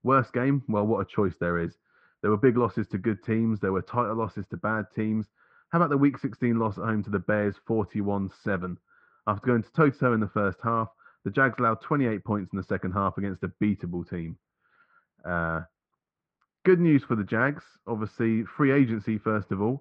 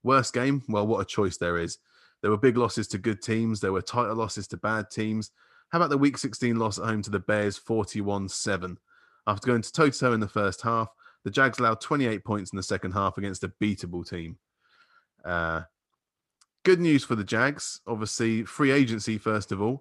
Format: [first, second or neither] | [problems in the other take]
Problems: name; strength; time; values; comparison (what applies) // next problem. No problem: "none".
second | muffled; very; fading above 2 kHz